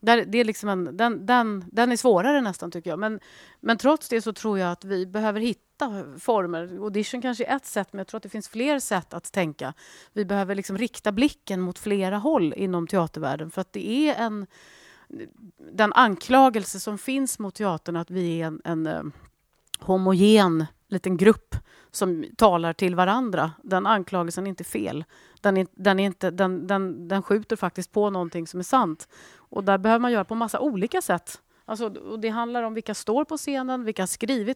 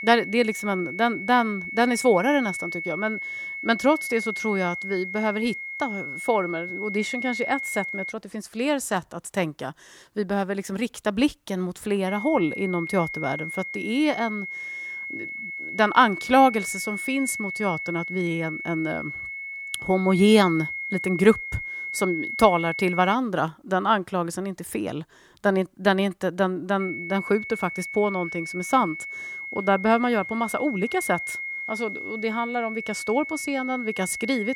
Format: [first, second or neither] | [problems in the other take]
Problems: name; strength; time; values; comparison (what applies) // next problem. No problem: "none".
first | high-pitched whine; loud; until 8 s, from 12 to 23 s and from 27 s on; 2 kHz, 7 dB below the speech